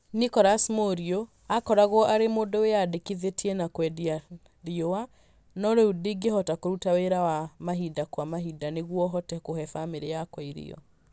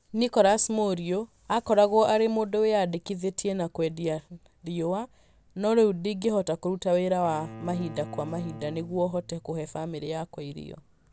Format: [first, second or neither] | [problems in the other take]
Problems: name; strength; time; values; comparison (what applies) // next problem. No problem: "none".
first | background sound (Bowed string instrument); 16 dB below the speech